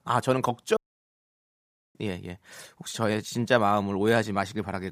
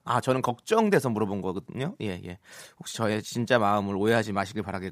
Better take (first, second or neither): second